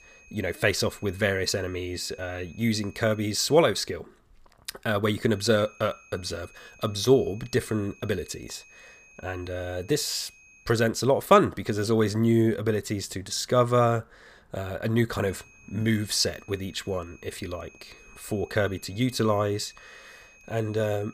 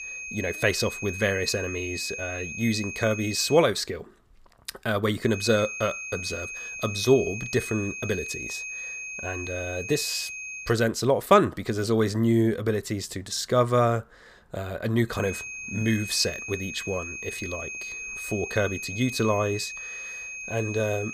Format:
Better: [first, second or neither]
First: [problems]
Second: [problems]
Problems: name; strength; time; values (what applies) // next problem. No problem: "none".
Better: first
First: high-pitched whine; faint; until 3.5 s, from 5.5 to 11 s and from 15 s on; 2.5 kHz, 25 dB below the speech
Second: high-pitched whine; loud; until 3.5 s, from 5.5 to 11 s and from 15 s on; 2.5 kHz, 8 dB below the speech